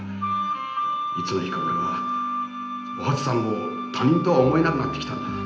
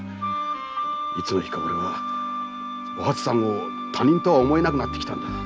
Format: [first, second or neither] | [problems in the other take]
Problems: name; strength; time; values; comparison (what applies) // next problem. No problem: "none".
second | room echo; dies away in 0.8 s